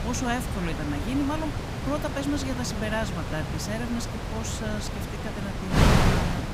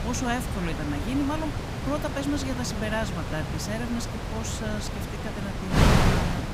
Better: neither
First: wind noise on the microphone; heavy; 1 dB above the speech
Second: wind noise on the microphone; heavy; 1 dB above the speech

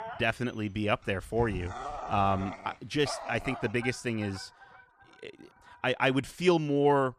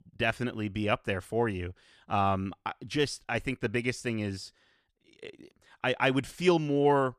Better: second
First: animal sounds; noticeable; throughout; 10 dB below the speech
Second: none

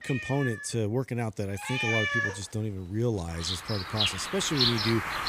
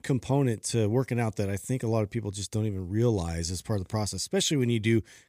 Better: second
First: animal sounds; very loud; throughout; 2 dB above the speech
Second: none

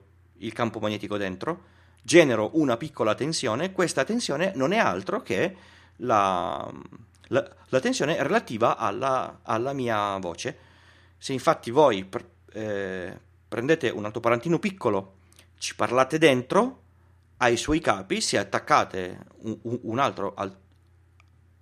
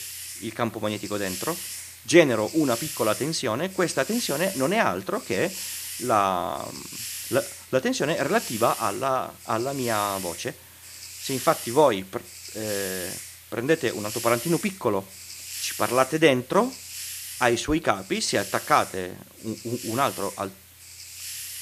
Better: first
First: none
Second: hiss; loud; throughout; 10 dB below the speech

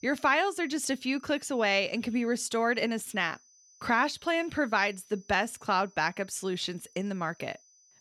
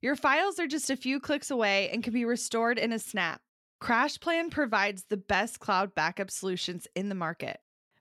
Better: second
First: high-pitched whine; faint; throughout; 6 kHz, 30 dB below the speech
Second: none

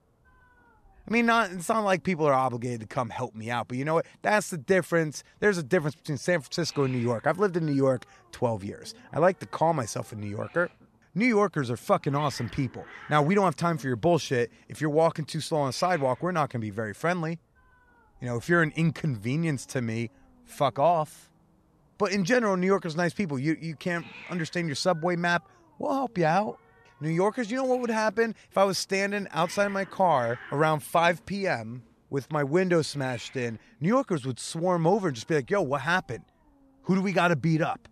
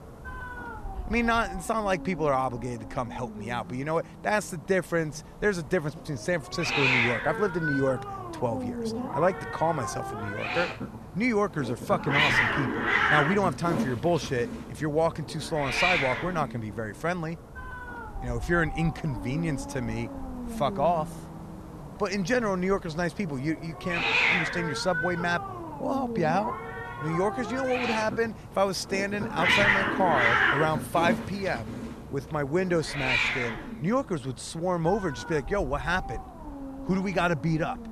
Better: first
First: hiss; faint; throughout; 25 dB below the speech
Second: hiss; loud; throughout; as loud as the speech

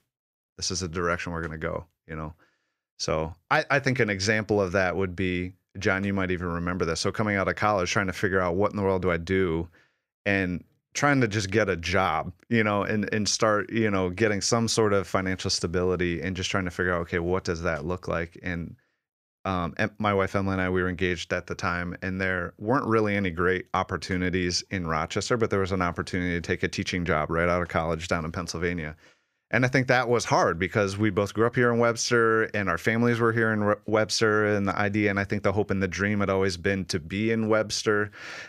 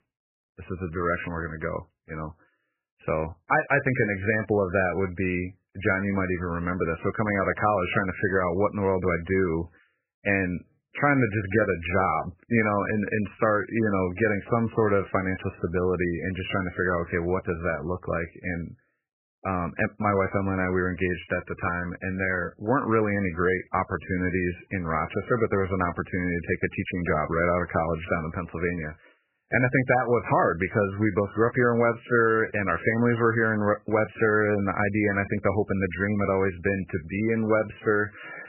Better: first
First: none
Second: garbled, watery; badly; nothing above 2.5 kHz

